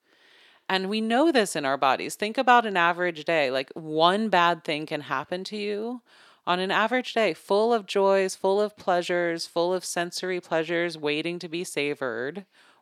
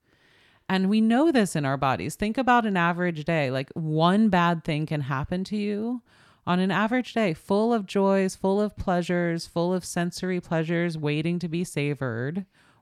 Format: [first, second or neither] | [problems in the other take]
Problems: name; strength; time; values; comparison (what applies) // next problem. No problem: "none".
second | thin; somewhat; fading below 400 Hz